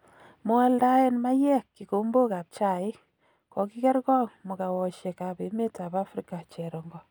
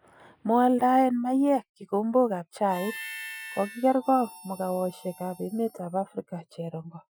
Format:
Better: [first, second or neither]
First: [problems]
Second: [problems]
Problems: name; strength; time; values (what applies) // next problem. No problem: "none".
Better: first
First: none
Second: noise reduction (classical method Wiener filter)